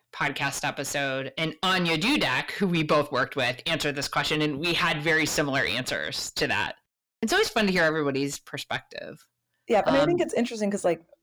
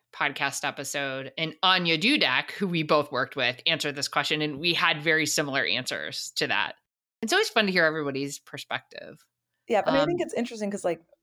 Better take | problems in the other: second | distortion; heavy; 6 dB below the speech

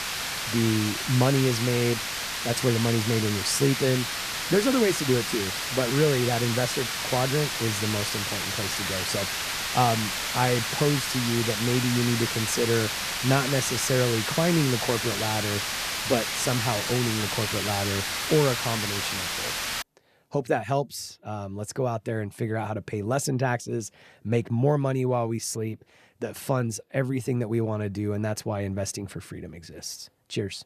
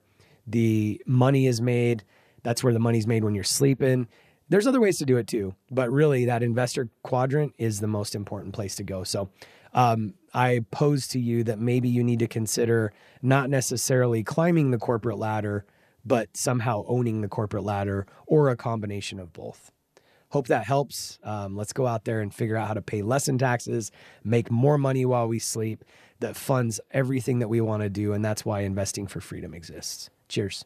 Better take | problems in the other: second | hiss; loud; until 20 s; 1 dB below the speech

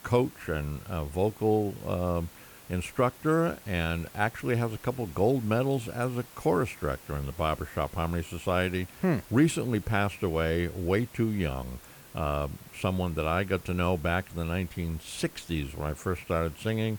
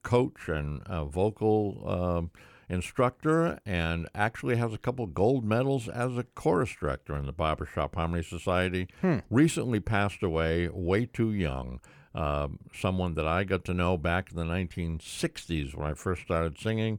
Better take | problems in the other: second | hiss; noticeable; throughout; 20 dB below the speech

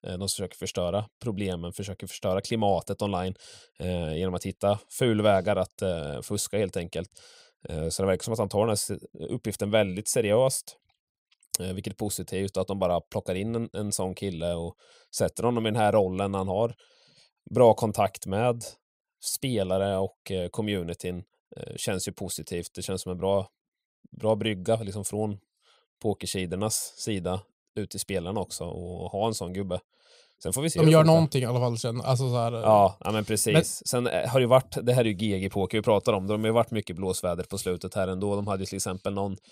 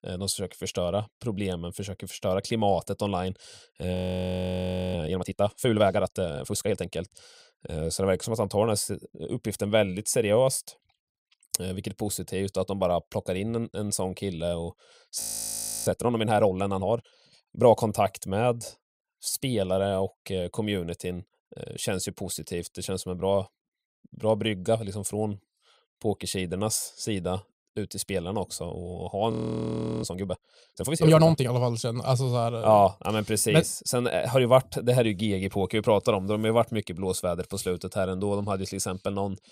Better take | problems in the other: first | audio freezing; at 4 s for 1 s, at 15 s for 0.5 s and at 29 s for 0.5 s

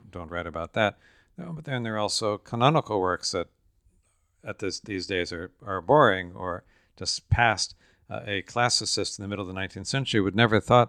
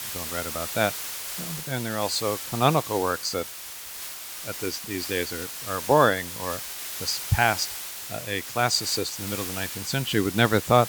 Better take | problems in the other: first | hiss; loud; throughout; 7 dB below the speech

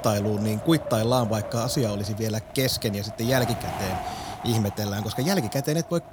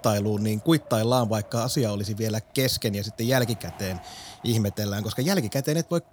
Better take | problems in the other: second | wind noise on the microphone; heavy; 7 dB below the speech; occasional gusts in the second

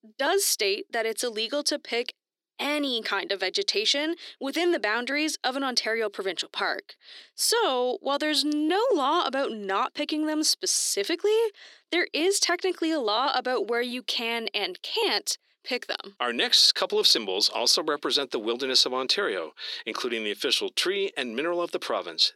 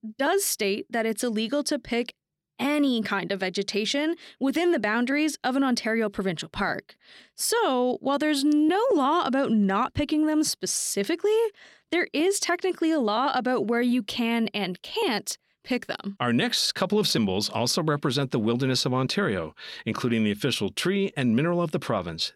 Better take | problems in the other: second | thin; somewhat; fading below 350 Hz

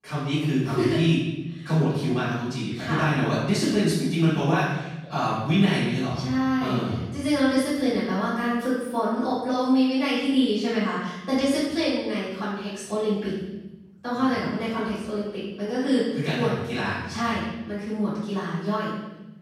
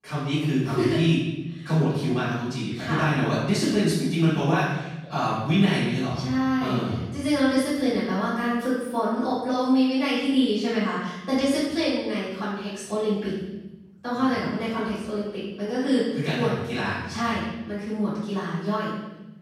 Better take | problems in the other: neither | off-mic speech; far; the same in both // room echo; strong; dies away in 1.1 s; the same in both

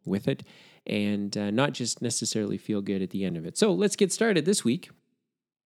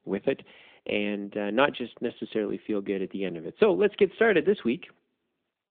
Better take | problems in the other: first | phone-call audio

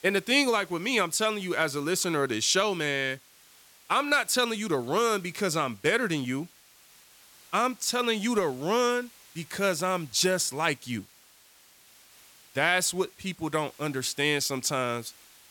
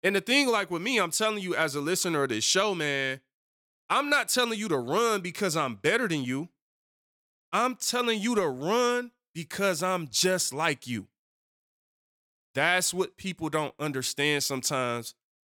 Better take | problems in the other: second | hiss; faint; throughout; 25 dB below the speech

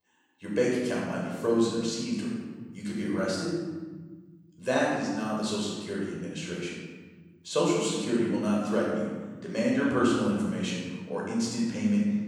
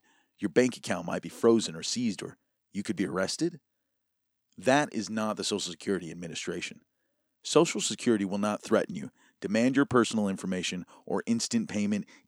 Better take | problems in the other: second | off-mic speech; far // room echo; strong; dies away in 1.6 s

